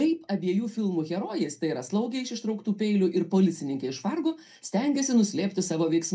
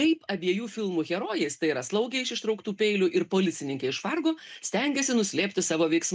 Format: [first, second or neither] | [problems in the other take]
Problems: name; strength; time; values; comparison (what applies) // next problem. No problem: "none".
second | room echo; dies away in 0.2 s